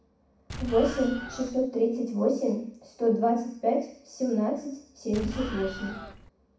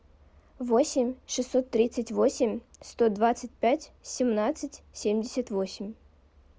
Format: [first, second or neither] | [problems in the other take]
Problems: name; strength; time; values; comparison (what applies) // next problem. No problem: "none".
second | background sound (Explosion); 9 dB below the speech // room echo; dies away in 0.6 s